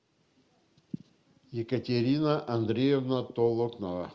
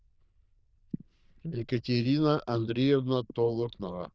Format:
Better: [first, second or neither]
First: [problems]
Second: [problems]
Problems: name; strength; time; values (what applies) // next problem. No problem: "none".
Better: first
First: none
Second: noise reduction (neural diffusion model UNIVERSE++)